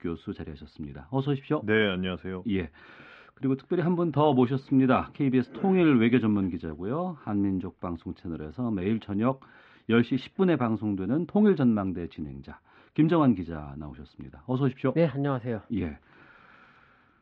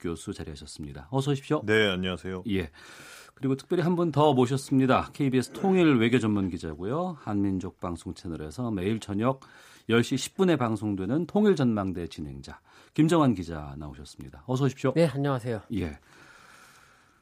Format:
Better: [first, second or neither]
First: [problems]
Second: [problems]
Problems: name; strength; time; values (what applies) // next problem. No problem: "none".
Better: second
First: muffled; very; fading above 3 kHz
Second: none